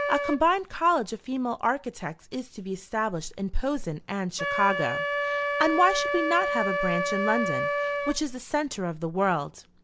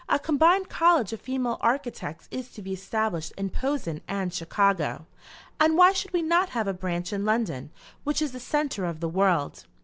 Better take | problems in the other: second | background sound (Wind instrument, woodwind instrument); 4 dB below the speech

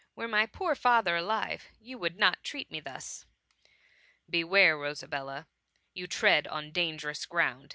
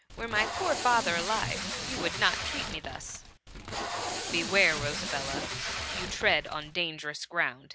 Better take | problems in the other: first | background sound (Packing tape, duct tape); 4 dB below the speech

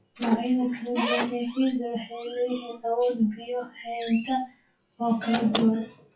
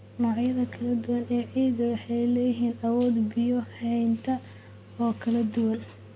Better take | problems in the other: second | noise reduction (classical method WPE with log-MMSE)

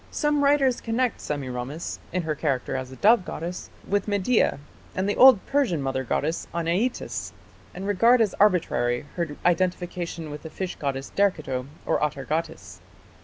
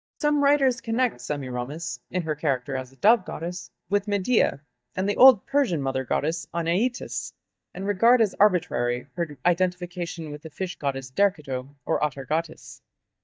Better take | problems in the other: first | noise reduction (neural mask model DeepFilterNet 3)

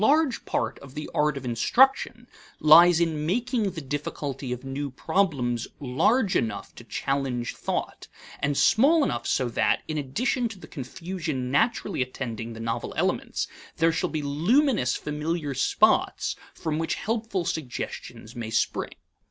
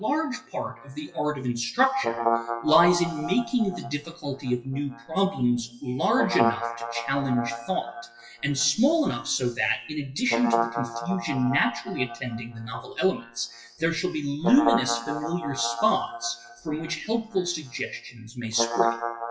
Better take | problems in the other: first | noise reduction (classical method WPE with log-MMSE)

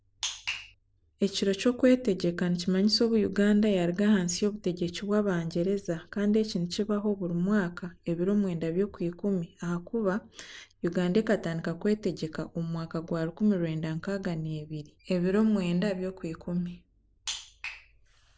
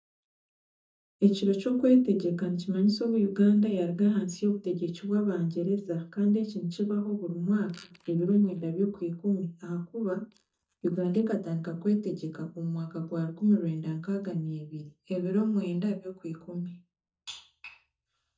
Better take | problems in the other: first | noise reduction (neural mask model DeepFilterNet 3)

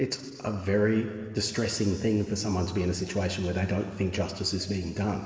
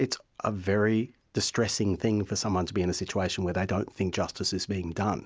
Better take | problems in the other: second | room echo; dies away in 2.5 s

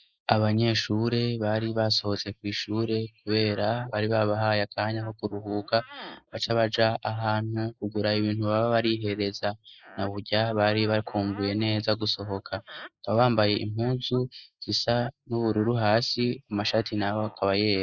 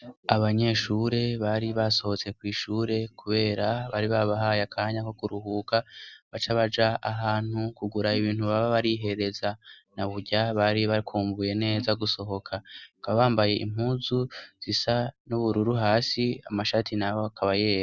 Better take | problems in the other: second | noise reduction (neural mask model Resemble Enhance denoiser)

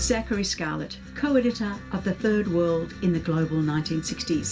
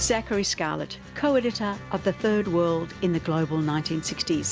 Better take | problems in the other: second | room echo; dies away in 0.2 s

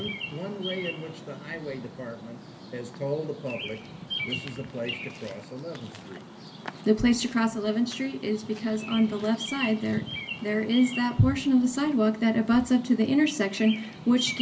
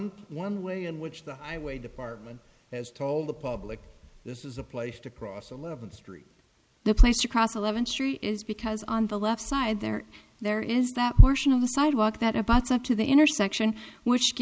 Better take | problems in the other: second | background sound (Bird vocalization, bird call, bird song); 12 dB below the speech // room echo; dies away in 0.3 s

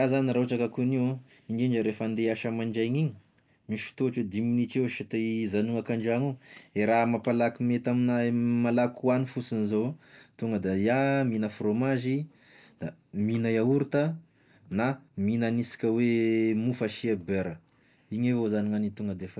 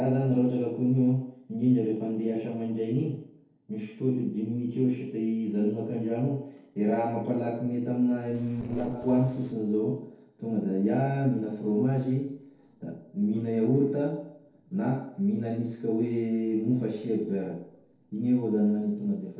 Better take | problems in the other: first | noise reduction (neural separator model SepFormer DNS4)

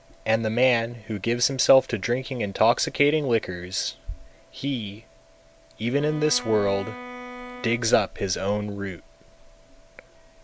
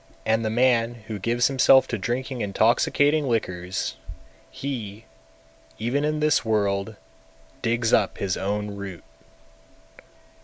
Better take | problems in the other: second | background sound (Bowed string instrument); 14 dB below the speech

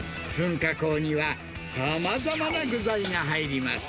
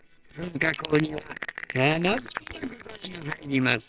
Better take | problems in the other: first | noise reduction (neural separator model SepFormer WHAMR!)

